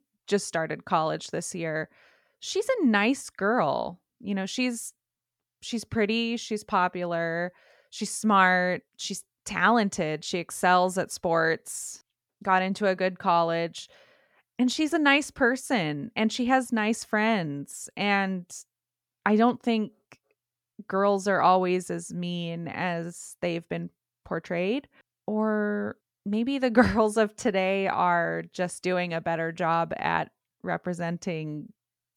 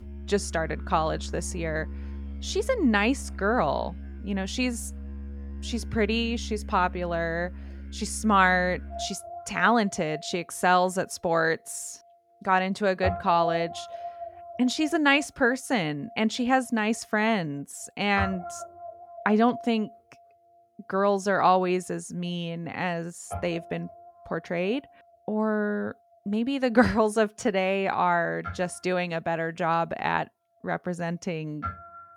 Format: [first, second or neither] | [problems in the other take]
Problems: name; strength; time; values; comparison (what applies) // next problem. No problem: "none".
first | background music; noticeable; throughout; 10 dB below the speech